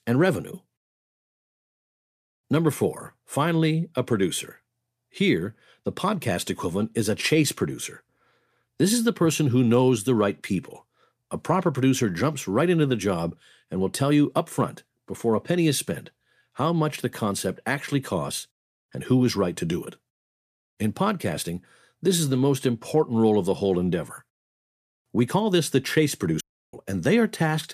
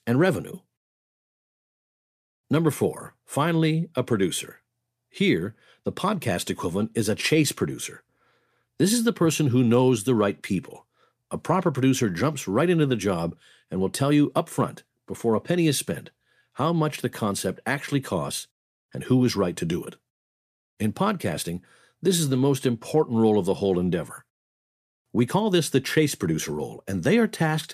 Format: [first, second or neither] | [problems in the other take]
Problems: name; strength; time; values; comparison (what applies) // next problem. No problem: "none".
second | audio cutting out; at 26 s